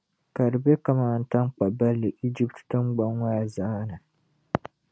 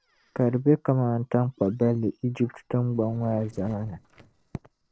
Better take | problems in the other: first | noise reduction (neural separator model SepFormer DNS4)

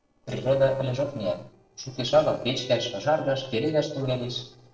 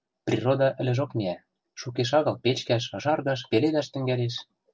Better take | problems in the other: second | noise reduction (neural separator model SepFormer DNS4)

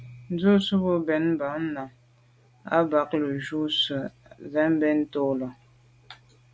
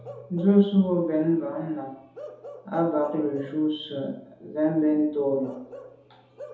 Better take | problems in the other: first | background sound (Bark / Livestock, farm animals, working animals); 20 dB below the speech // room echo; dies away in 0.8 s

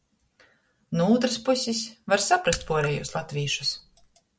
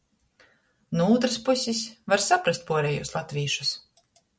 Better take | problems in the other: second | background sound (Raindrop / Splash, splatter); 13 dB below the speech

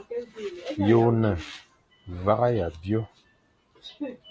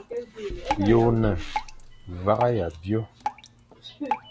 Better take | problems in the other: first | background sound (Knock + Drip); 8 dB below the speech

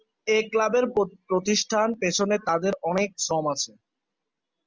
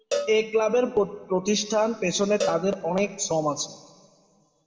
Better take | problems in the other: first | background sound (Cowbell); 10 dB below the speech // room echo; dies away in 1.1 s

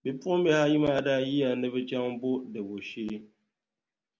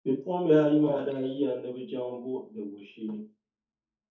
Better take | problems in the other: first | noise reduction (neural mask model DeepFilterNet 3)

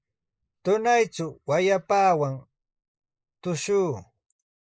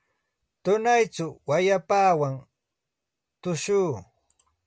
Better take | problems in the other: second | noise reduction (neural mask model Resemble Enhance denoiser)

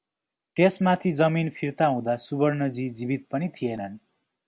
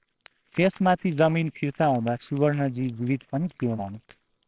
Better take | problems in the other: first | noise reduction (neural separator model SepFormer WHAMR!)

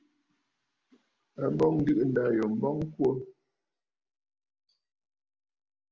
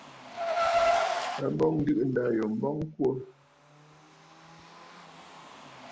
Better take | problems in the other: first | background sound (Car); 2 dB below the speech

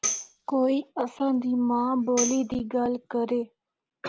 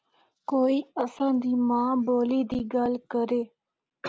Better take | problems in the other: second | background sound (Tambourine); 9 dB below the speech

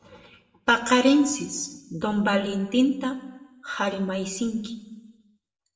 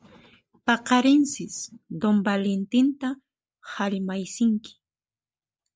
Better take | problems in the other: second | room echo; dies away in 0.8 s

